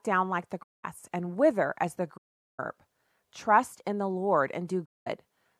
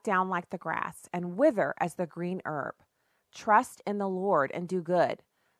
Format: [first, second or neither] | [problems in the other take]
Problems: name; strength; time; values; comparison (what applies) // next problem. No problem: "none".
second | audio cutting out; at 0.5 s, at 2 s and at 5 s